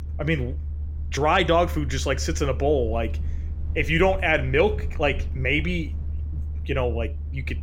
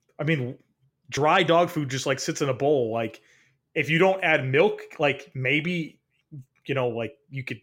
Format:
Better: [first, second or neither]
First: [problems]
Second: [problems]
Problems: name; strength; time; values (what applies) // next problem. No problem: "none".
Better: second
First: low rumble; faint; throughout; 25 dB below the speech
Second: none